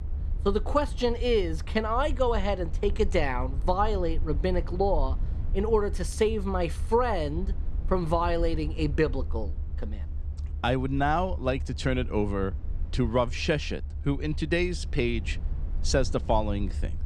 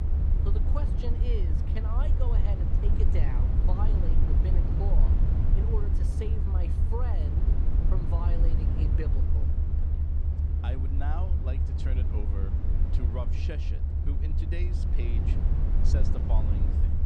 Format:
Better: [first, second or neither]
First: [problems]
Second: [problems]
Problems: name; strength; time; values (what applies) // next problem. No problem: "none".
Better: first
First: low rumble; faint; throughout; 20 dB below the speech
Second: low rumble; loud; throughout; as loud as the speech